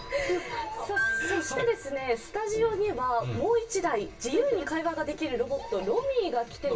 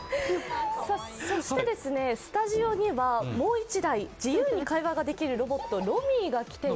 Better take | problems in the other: second | background sound (Glockenspiel); 8 dB below the speech // room echo; dies away in 0.1 s

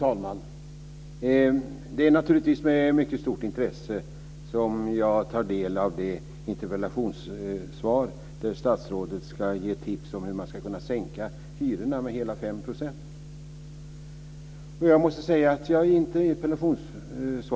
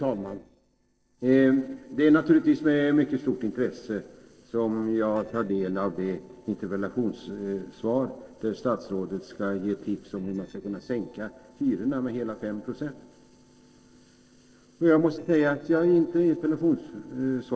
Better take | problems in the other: first | noise reduction (neural separator model SepFormer DNS4)

